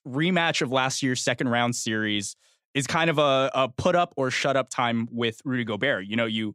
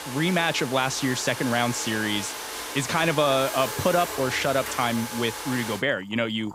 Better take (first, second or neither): first